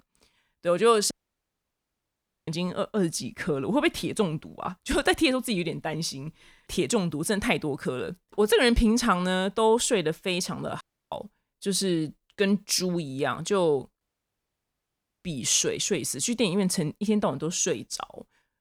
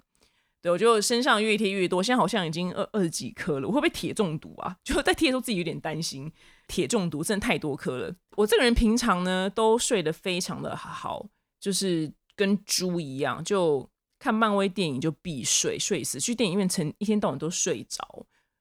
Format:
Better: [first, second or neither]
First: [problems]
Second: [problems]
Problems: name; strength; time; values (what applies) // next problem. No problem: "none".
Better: second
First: audio cutting out; at 1 s for 1.5 s, at 11 s and at 14 s for 1 s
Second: none